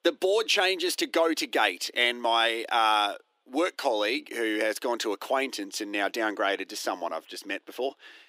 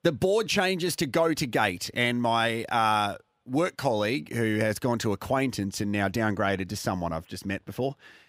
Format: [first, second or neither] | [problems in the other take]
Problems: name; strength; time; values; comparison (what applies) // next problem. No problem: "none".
second | thin; somewhat; fading below 300 Hz